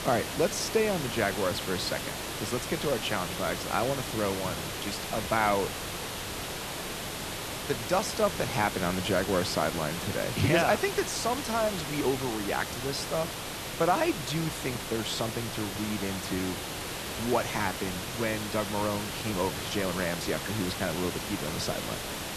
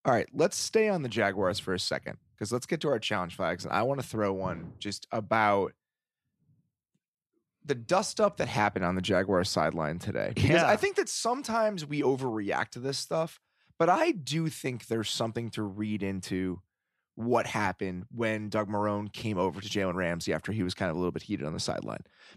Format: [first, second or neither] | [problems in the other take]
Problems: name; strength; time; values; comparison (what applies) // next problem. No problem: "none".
second | hiss; loud; throughout; 4 dB below the speech